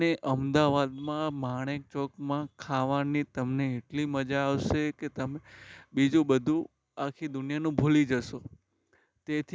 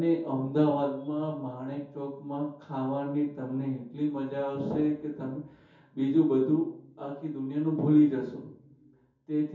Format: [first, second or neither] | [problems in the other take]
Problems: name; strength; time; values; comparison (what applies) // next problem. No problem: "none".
first | room echo; dies away in 0.6 s